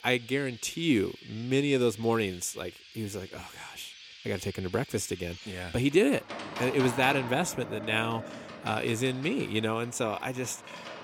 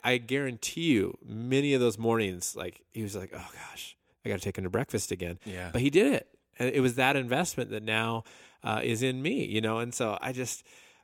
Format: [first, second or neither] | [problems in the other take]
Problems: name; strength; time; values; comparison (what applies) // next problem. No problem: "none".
second | animal sounds; noticeable; throughout; 15 dB below the speech